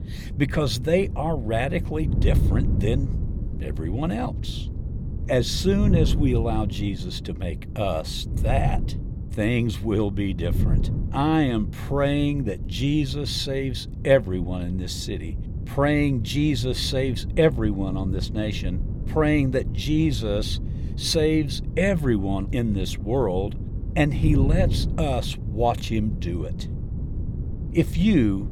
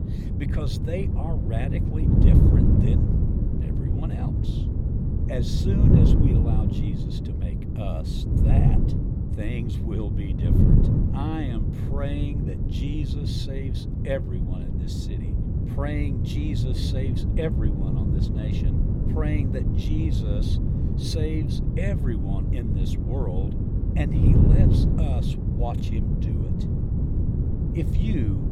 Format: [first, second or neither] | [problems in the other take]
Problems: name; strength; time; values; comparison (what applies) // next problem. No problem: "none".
first | wind noise on the microphone; heavy; 2 dB above the speech; occasional gusts in the first